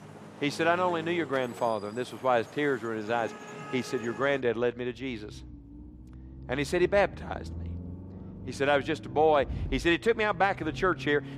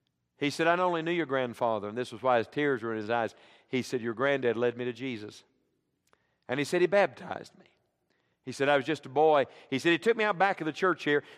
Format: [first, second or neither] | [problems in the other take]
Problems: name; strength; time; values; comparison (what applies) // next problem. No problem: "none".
second | traffic noise; noticeable; throughout; 15 dB below the speech